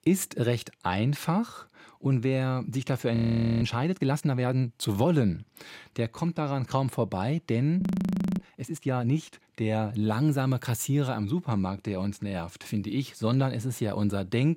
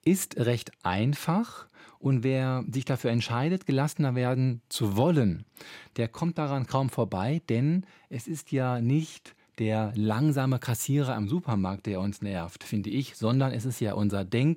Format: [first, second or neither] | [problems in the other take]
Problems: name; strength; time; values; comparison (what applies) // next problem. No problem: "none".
second | audio freezing; at 3 s and at 8 s for 0.5 s